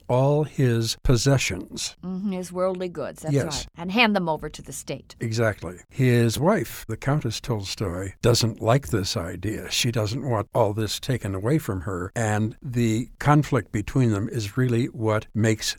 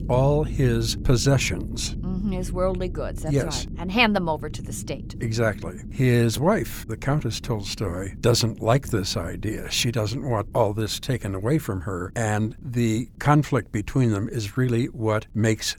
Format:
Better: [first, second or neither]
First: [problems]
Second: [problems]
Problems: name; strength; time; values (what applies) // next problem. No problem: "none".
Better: first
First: none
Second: low rumble; faint; throughout; 20 dB below the speech